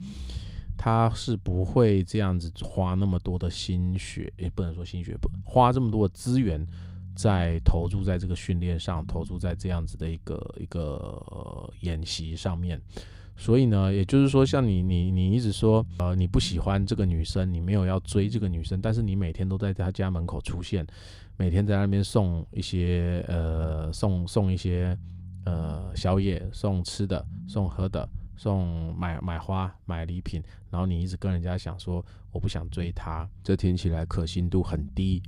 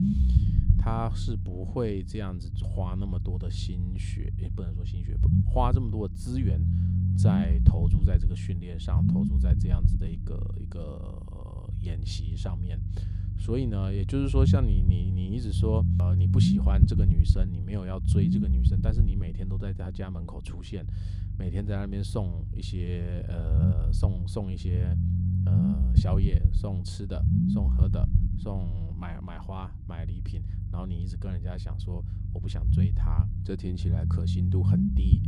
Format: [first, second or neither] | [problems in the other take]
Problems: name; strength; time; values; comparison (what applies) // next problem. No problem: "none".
first | low rumble; loud; throughout; as loud as the speech; faint in the first